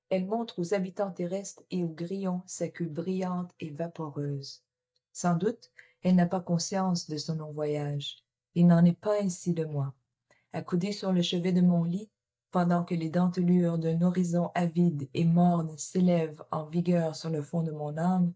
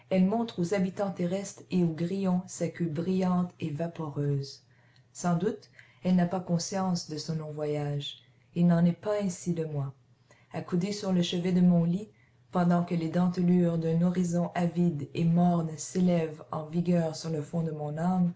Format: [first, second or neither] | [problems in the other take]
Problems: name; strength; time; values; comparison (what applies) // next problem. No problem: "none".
second | noise reduction (neural mask model DeepFilterNet 3)